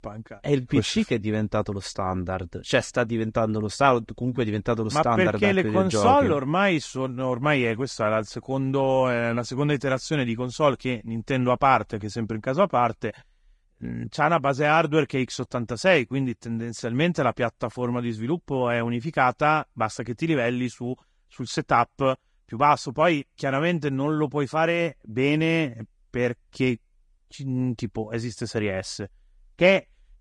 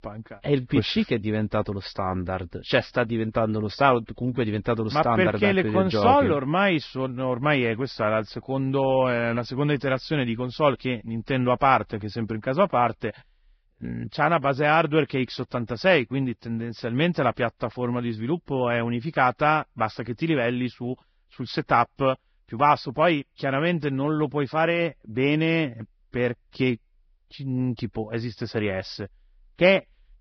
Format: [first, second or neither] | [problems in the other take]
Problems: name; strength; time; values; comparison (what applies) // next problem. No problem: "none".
first | garbled, watery; badly; nothing above 5.5 kHz; slightly in the first